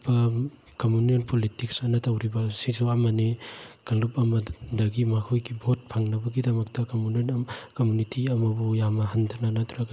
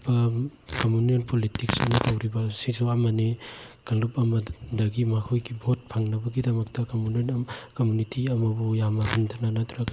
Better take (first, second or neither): first